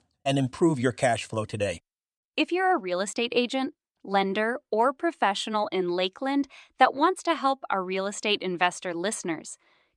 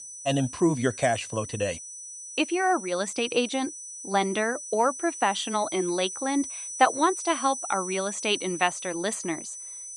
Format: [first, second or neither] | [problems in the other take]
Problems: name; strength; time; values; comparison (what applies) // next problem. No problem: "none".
first | high-pitched whine; loud; throughout; 6 kHz, 9 dB below the speech